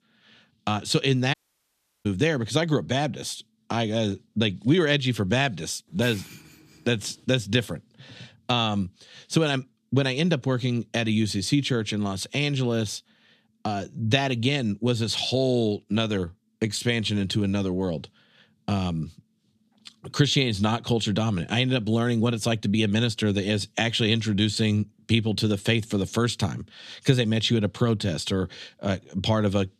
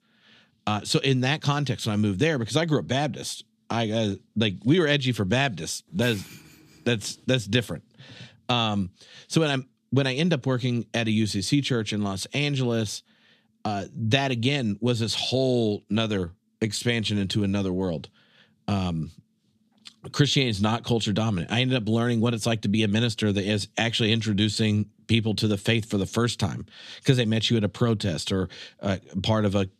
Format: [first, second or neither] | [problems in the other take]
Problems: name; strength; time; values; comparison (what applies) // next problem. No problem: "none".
second | audio cutting out; at 1.5 s for 0.5 s